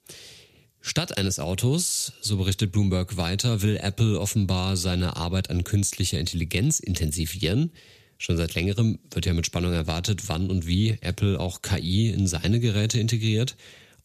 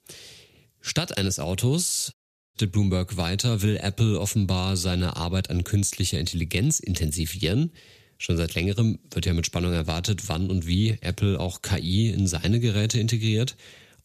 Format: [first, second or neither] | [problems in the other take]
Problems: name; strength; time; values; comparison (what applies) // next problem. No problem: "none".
first | audio cutting out; at 2 s